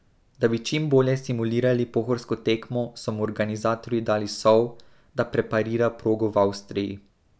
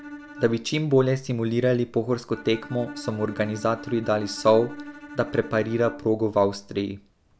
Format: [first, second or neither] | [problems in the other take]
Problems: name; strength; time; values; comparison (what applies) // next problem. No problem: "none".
first | background sound (Bowed string instrument); 17 dB below the speech